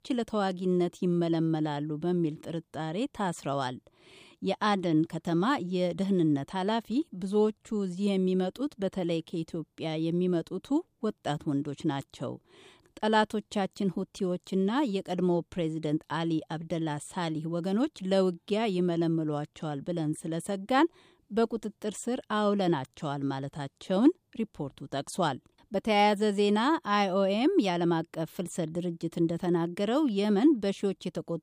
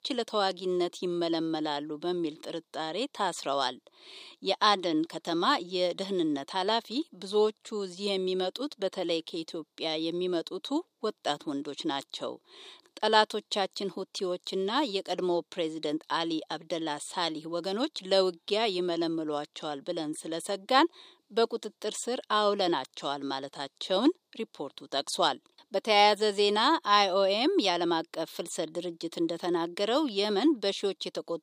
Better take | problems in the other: first | thin; somewhat; fading below 400 Hz

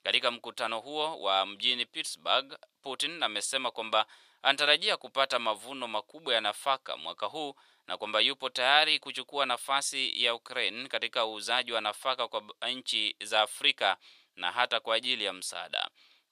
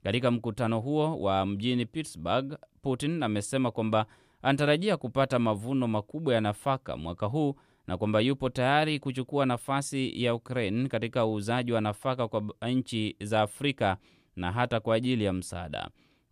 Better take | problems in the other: second | thin; very; fading below 850 Hz

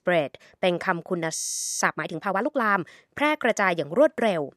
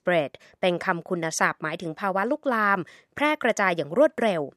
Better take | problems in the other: second | audio freezing; at 1.5 s

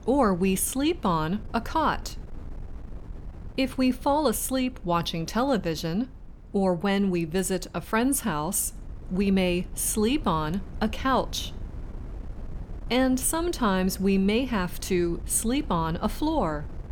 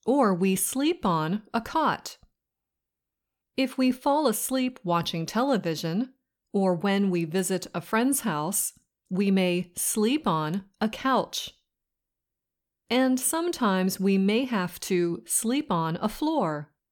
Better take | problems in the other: second | wind noise on the microphone; occasional gusts; 25 dB below the speech

